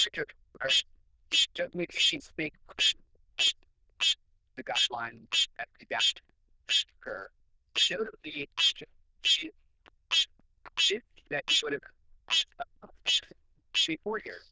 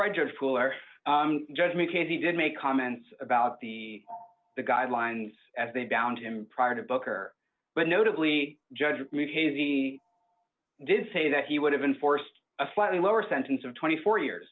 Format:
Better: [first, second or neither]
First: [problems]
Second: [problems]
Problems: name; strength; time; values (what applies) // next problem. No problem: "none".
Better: second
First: noise reduction (neural diffusion model UNIVERSE++)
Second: none